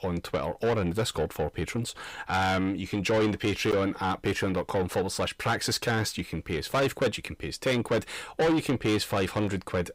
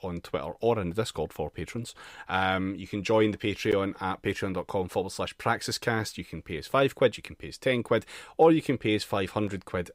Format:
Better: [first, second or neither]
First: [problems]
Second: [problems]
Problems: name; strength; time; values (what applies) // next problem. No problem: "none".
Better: second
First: distortion; heavy; 7 dB below the speech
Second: none